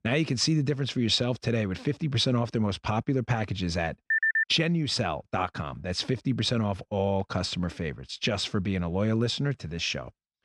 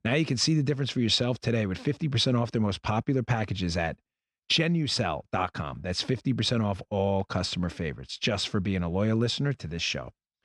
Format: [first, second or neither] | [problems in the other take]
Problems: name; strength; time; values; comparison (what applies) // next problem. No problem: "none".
second | phone ringing; loud; at 4 s; peak 5 dB above the speech